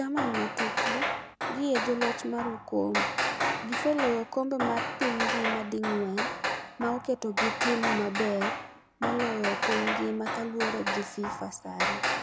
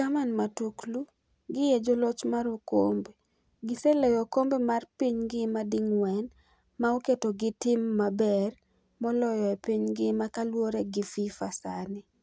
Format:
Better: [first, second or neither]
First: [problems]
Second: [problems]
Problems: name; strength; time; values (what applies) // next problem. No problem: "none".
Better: second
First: background sound (Hammer); as loud as the speech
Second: none